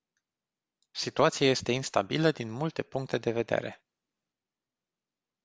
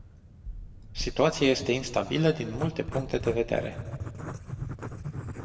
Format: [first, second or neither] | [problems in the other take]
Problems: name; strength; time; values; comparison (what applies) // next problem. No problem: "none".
first | background sound (Writing); 8 dB below the speech // room echo; dies away in 1.1 s